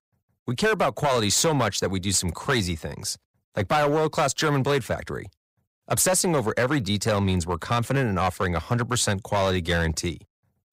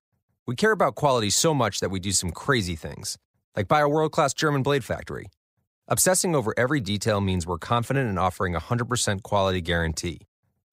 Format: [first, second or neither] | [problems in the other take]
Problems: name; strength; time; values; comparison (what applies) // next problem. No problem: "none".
second | distortion; slight; 7% of the sound clipped